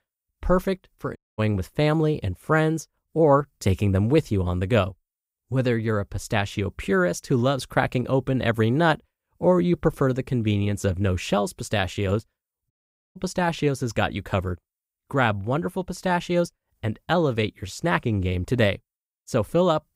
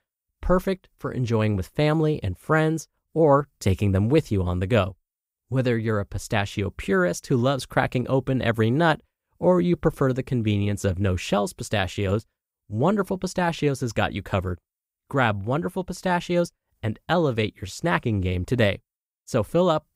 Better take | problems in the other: second | audio cutting out; at 1 s and at 13 s

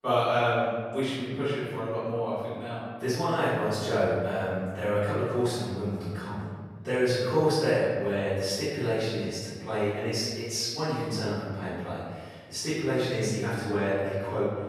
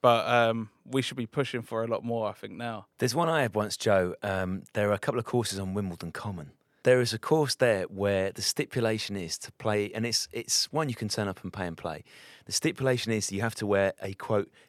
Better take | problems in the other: second | off-mic speech; far // room echo; strong; dies away in 1.5 s

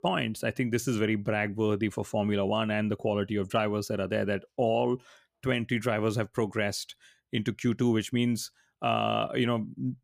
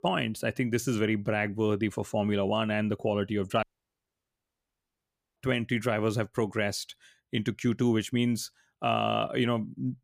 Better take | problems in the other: first | audio cutting out; at 3.5 s for 1.5 s

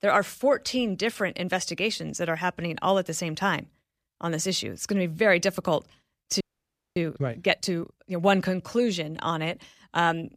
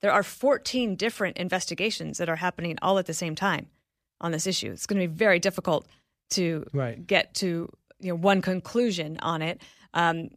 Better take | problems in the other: second | audio freezing; at 6.5 s for 0.5 s

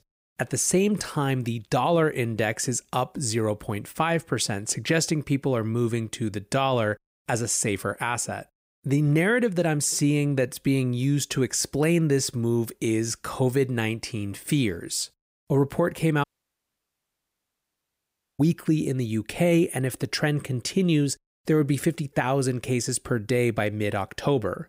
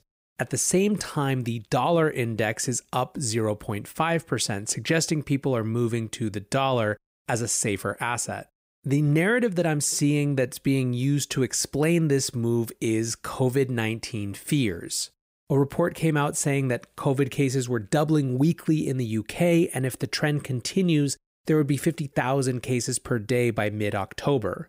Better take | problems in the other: second | audio cutting out; at 16 s for 2 s

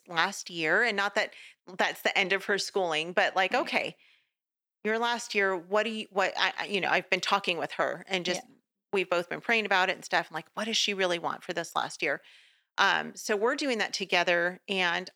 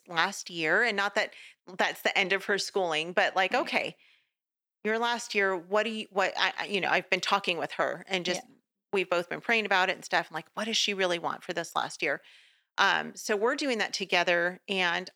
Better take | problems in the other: neither | thin; somewhat; fading below 450 Hz; the same in both

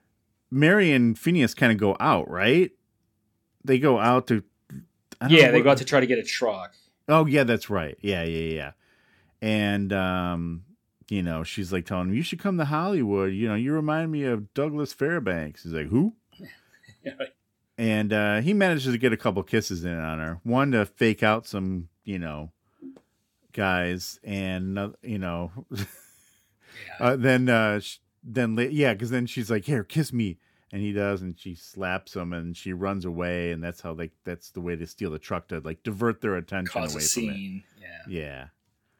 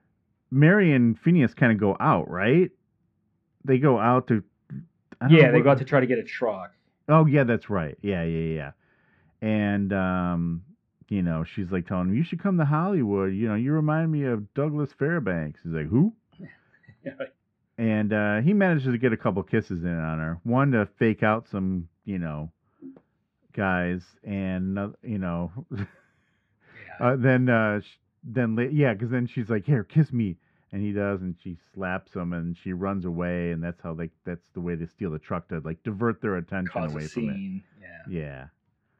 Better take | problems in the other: first | muffled; very; fading above 1.5 kHz

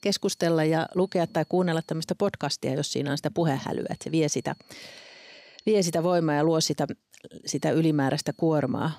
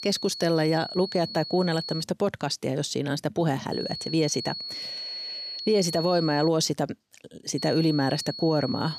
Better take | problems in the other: first | high-pitched whine; loud; until 2 s, from 3.5 to 6.5 s and from 7.5 s on; 4.5 kHz, 8 dB below the speech; faint in the first

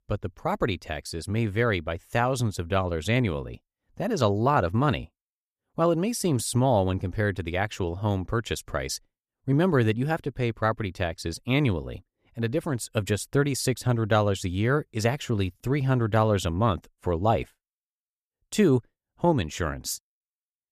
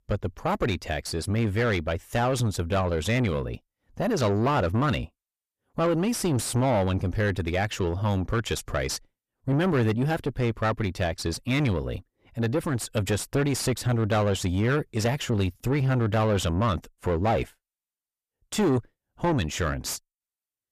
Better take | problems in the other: first | distortion; heavy; 7 dB below the speech

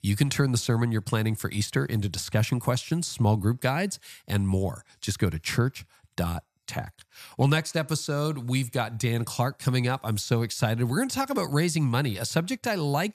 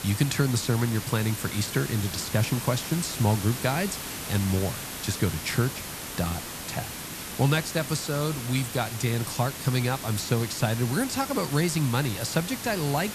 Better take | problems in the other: first | hiss; loud; throughout; 7 dB below the speech

